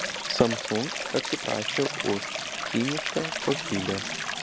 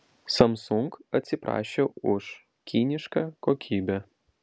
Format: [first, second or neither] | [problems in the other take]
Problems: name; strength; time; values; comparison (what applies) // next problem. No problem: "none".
second | background sound (Stream); 2 dB below the speech